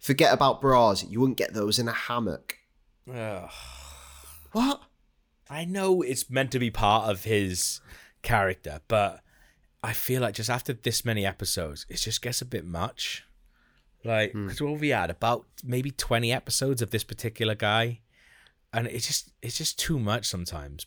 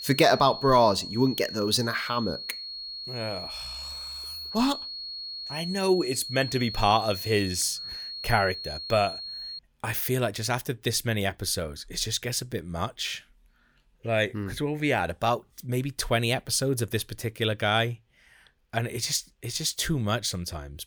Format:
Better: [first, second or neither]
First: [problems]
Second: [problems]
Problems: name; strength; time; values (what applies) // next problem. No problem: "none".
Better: first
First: none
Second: high-pitched whine; loud; until 9.5 s; 4.5 kHz, 8 dB below the speech